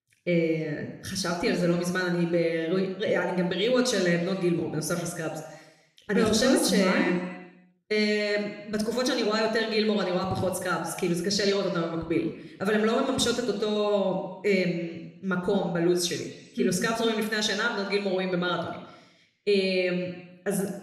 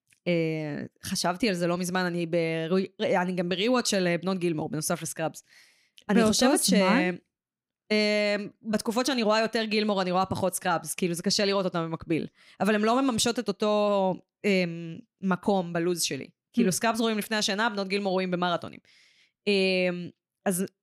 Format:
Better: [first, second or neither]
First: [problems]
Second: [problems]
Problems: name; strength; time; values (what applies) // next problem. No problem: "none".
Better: second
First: room echo; noticeable; dies away in 0.9 s // off-mic speech; somewhat distant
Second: none